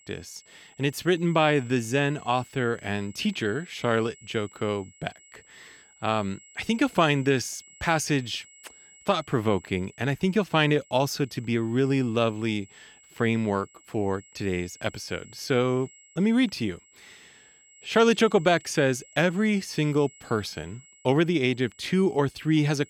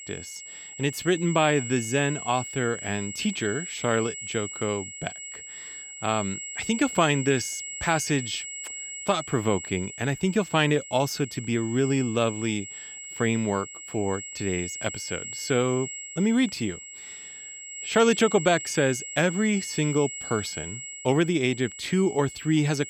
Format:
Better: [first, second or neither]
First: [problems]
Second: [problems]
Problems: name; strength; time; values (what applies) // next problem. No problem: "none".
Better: first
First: high-pitched whine; faint; throughout; 7.5 kHz, 25 dB below the speech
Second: high-pitched whine; loud; throughout; 7.5 kHz, 9 dB below the speech